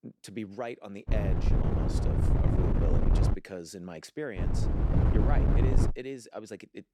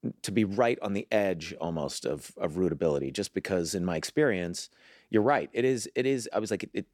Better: second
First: wind noise on the microphone; heavy; from 1 to 3.5 s and from 4.5 to 6 s; 3 dB above the speech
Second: none

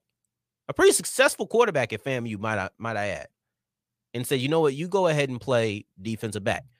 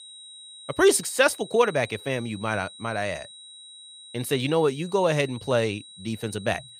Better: first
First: none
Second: high-pitched whine; noticeable; throughout; 4 kHz, 20 dB below the speech

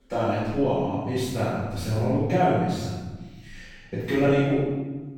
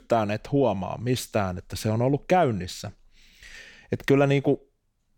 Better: second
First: room echo; strong; dies away in 1.2 s // off-mic speech; far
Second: none

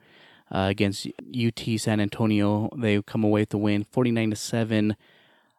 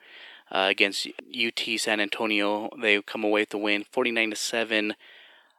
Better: first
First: none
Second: thin; very; fading below 350 Hz

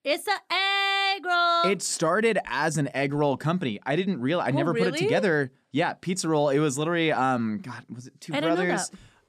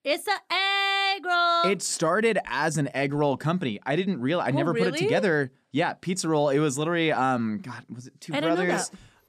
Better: first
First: none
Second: dog barking; faint; at 8.5 s; peak 15 dB below the speech

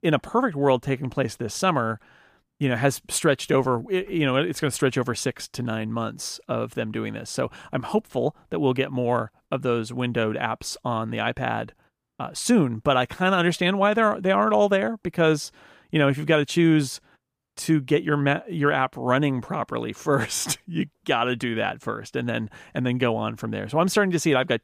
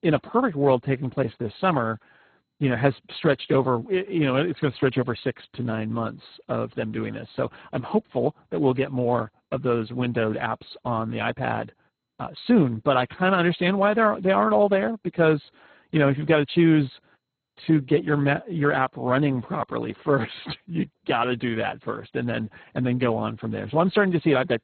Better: first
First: none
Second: garbled, watery; badly; nothing above 4 kHz

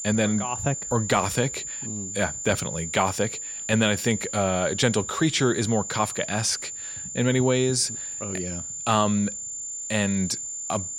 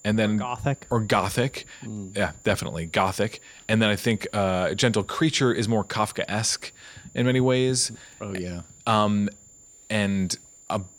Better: second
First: high-pitched whine; loud; throughout; 7 kHz, 6 dB below the speech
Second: high-pitched whine; faint; throughout; 7 kHz, 25 dB below the speech

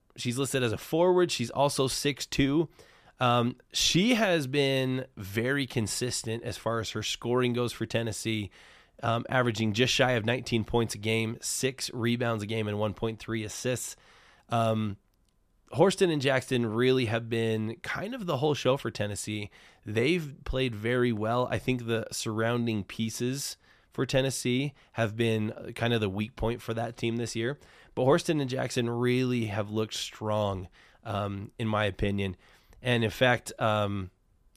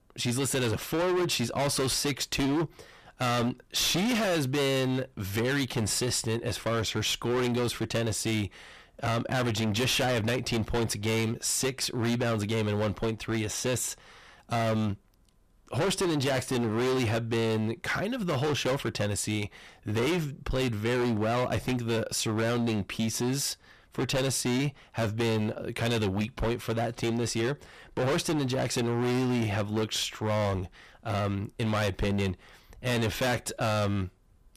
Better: first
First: none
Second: distortion; heavy; 23% of the sound clipped

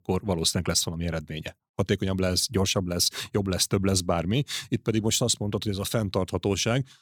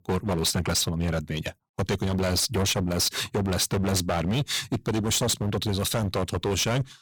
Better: first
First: none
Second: distortion; heavy; 19% of the sound clipped

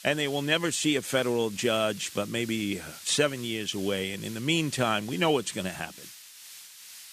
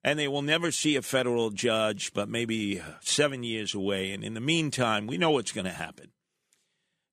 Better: second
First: hiss; noticeable; throughout; 15 dB below the speech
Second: none

